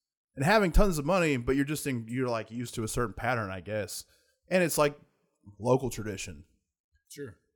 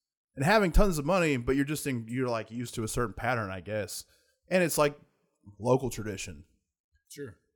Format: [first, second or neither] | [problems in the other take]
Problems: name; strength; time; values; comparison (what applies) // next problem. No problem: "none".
neither | none